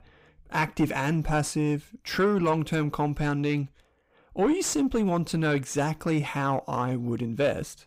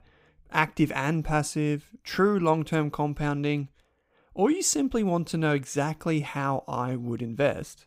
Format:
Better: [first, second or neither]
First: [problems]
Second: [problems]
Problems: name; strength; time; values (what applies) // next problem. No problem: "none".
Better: second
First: distortion; slight; 10 dB below the speech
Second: none